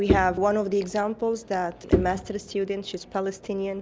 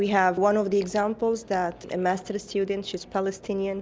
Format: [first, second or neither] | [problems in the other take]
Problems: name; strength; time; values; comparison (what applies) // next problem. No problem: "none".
second | background sound (Bowed string instrument); 4 dB below the speech